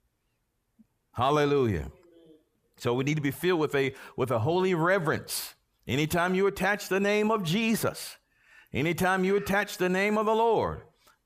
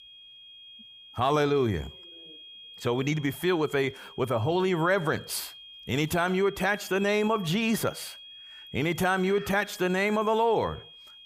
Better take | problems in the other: first | high-pitched whine; noticeable; throughout; 3.5 kHz, 20 dB below the speech

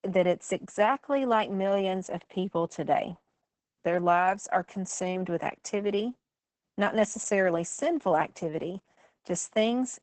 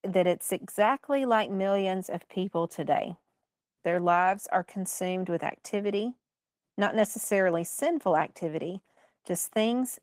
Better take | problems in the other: second | garbled, watery; badly; nothing above 8 kHz; slightly in the second

